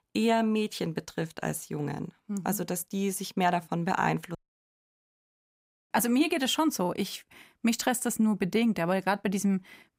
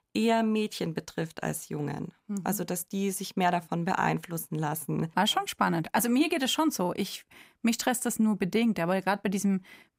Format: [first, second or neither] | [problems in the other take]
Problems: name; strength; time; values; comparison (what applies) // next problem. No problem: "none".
second | audio cutting out; at 4.5 s for 1.5 s